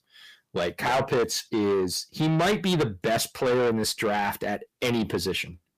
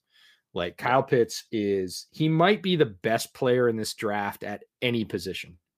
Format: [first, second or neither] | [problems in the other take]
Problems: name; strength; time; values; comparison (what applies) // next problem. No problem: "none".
second | distortion; heavy; 6 dB below the speech